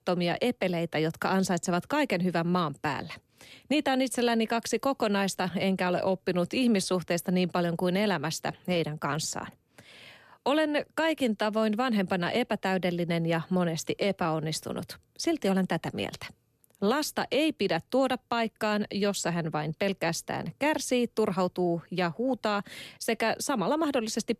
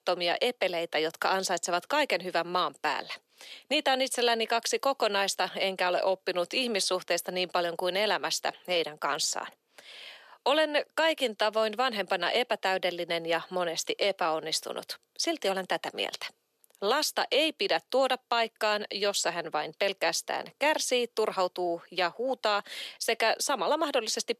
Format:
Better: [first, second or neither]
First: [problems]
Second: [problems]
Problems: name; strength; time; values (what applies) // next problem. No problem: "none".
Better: first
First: none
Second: thin; somewhat; fading below 550 Hz